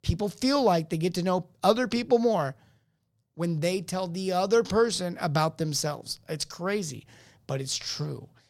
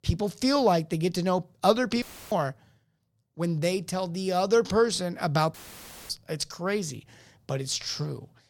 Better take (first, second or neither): first